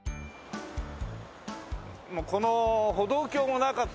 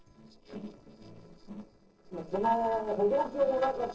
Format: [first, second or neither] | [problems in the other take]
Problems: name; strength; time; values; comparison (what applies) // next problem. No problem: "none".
first | noise reduction (neural separator model SepFormer DNS4)